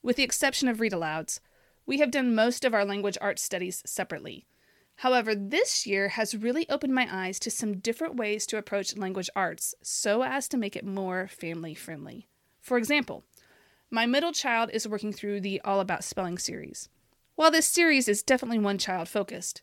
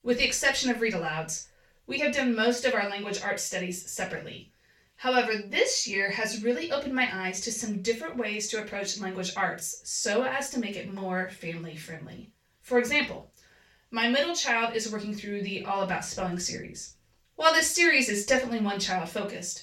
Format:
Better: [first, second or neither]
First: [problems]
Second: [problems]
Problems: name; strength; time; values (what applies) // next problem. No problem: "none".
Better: first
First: none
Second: room echo; slight; dies away in 0.3 s // off-mic speech; far